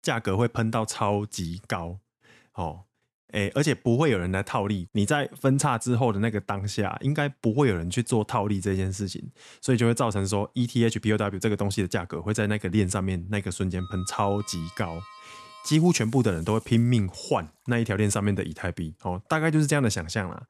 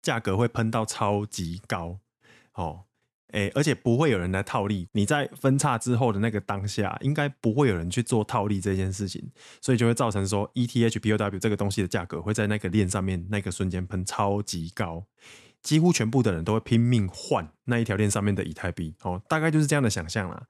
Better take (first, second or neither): second